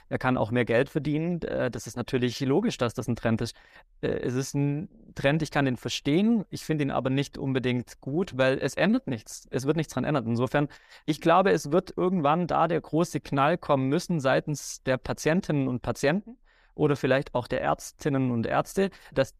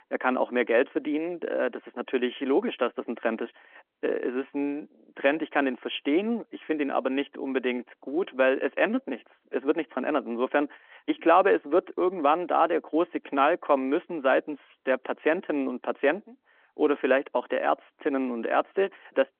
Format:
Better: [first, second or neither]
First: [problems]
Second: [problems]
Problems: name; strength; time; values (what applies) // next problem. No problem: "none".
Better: first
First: none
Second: phone-call audio; nothing above 3.5 kHz